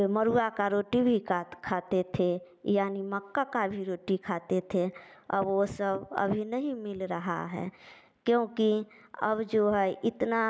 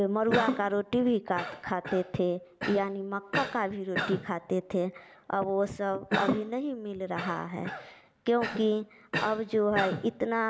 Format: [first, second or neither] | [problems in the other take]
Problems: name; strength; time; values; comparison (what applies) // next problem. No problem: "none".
first | background sound (Cough); 7 dB below the speech